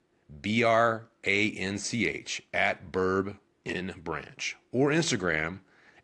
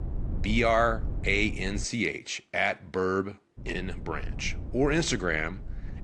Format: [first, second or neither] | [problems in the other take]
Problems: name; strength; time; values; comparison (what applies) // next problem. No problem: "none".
first | low rumble; faint; until 2 s and from 3.5 s on; 20 dB below the speech